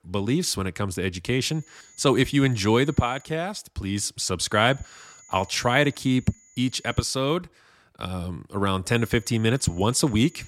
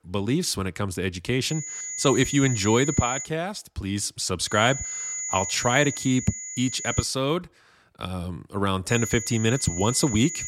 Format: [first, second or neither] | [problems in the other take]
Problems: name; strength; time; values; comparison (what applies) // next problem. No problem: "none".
first | high-pitched whine; loud; from 1.5 to 3 s, from 4.5 to 7 s and from 9 s on; 7 kHz, 6 dB below the speech; faint in the first